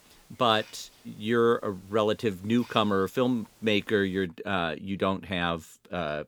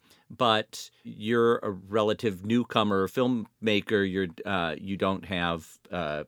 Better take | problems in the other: second | hiss; faint; until 4.5 s; 25 dB below the speech

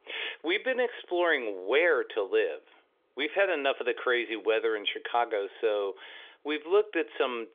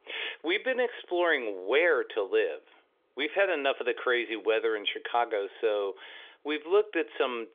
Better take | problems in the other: neither | phone-call audio; nothing above 3.5 kHz; the same in both

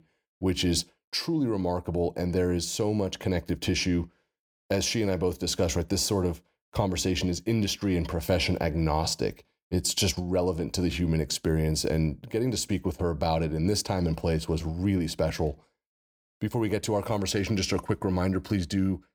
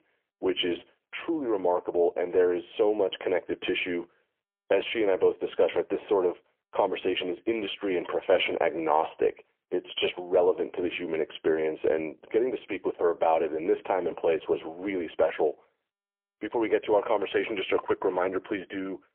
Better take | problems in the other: first | phone-call audio; poor line; nothing above 3.5 kHz

